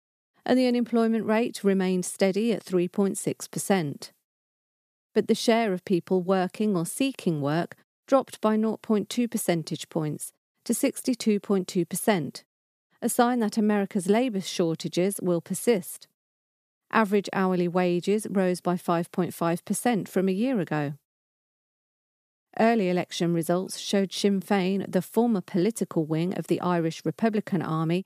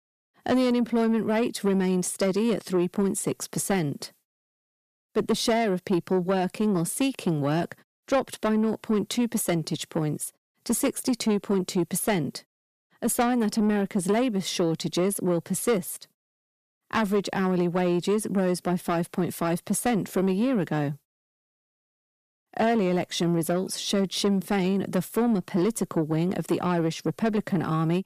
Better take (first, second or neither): first